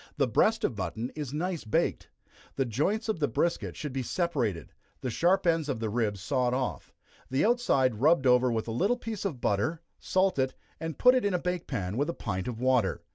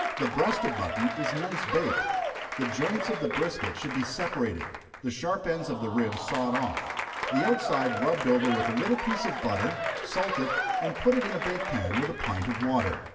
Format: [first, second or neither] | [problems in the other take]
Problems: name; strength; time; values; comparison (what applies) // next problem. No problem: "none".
first | background sound (Applause / Crowd); 3 dB below the speech // room echo; dies away in 0.9 s